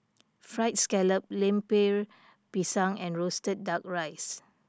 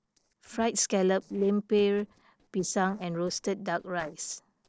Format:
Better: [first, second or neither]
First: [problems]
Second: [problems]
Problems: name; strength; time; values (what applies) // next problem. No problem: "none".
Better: first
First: none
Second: noise reduction (neural separator model SepFormer DNS4)